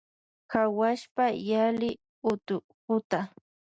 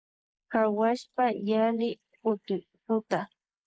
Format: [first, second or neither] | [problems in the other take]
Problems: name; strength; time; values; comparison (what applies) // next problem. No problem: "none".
first | noise reduction (neural mask model Resemble Enhance denoiser)